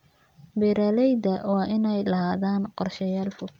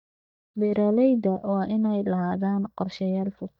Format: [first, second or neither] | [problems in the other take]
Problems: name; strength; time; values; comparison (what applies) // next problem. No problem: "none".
first | noise reduction (neural mask model DeepFilterNet 3)